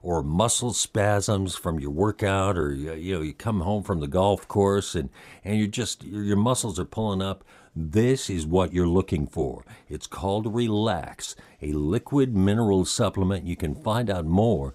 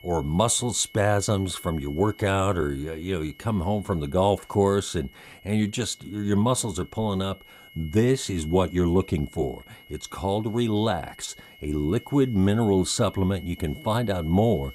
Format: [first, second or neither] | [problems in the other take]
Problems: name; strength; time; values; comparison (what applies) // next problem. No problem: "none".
first | high-pitched whine; faint; throughout; 2 kHz, 25 dB below the speech